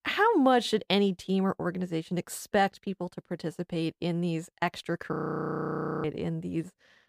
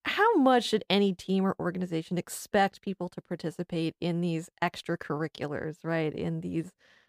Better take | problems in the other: second | audio freezing; at 5 s for 1 s

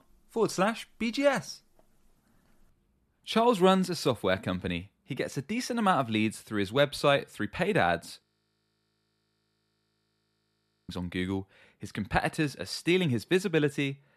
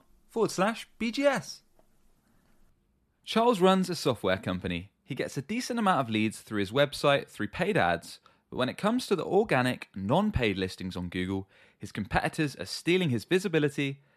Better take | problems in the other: second | audio freezing; at 8 s for 2.5 s

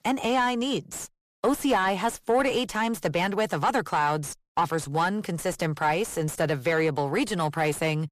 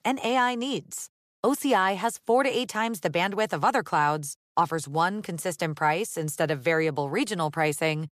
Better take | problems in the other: second | distortion; slight; 10 dB below the speech

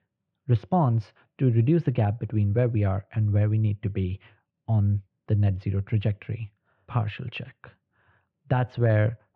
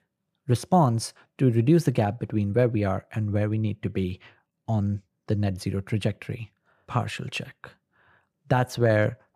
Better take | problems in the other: second | muffled; very; fading above 3 kHz

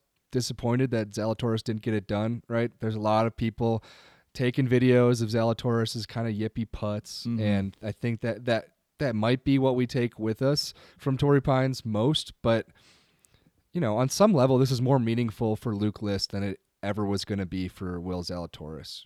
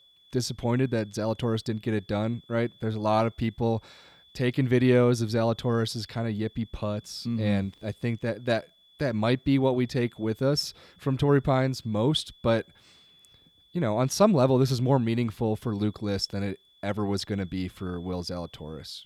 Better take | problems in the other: first | high-pitched whine; faint; throughout; 3.5 kHz, 30 dB below the speech

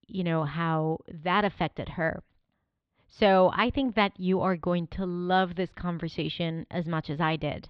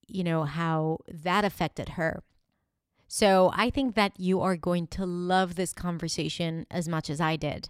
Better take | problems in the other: second | muffled; slightly; fading above 3.5 kHz

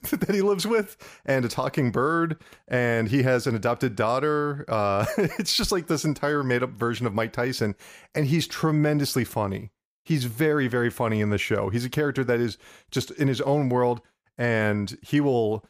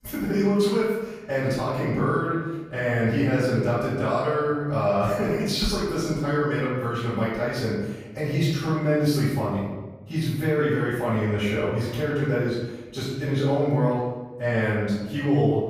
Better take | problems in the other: first | off-mic speech; far // room echo; strong; dies away in 1.1 s

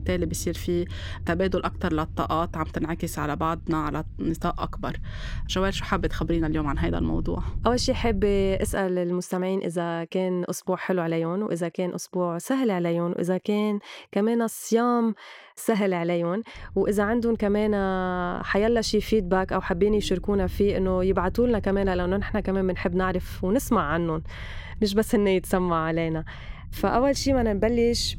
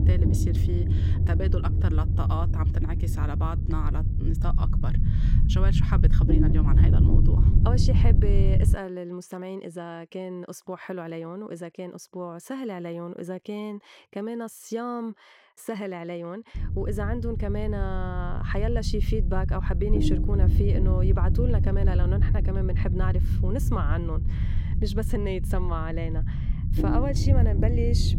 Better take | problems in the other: first | low rumble; loud; until 8.5 s and from 17 s on; 3 dB below the speech; faint in the first

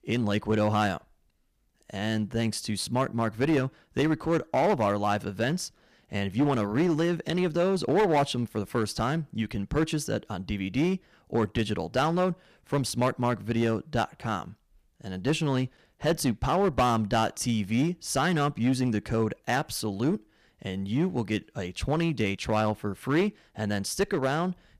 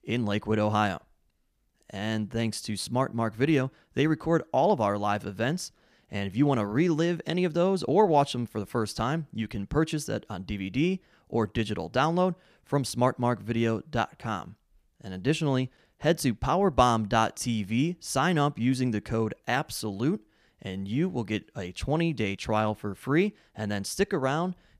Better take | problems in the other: second | distortion; slight; 6% of the sound clipped

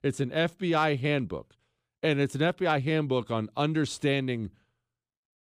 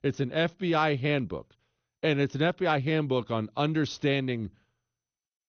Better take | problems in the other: first | garbled, watery; slightly; nothing above 6.5 kHz

